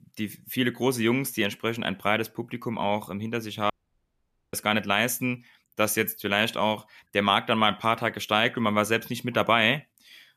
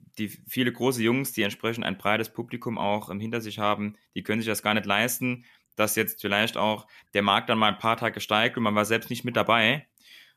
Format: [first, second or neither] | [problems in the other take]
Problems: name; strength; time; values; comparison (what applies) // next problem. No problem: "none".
second | audio cutting out; at 3.5 s for 1 s